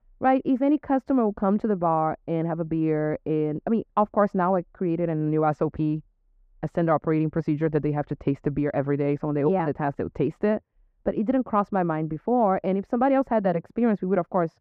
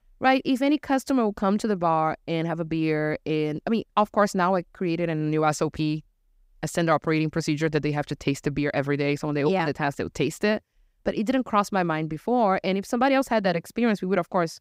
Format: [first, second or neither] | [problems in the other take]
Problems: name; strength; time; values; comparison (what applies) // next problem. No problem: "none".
second | muffled; very; fading above 3 kHz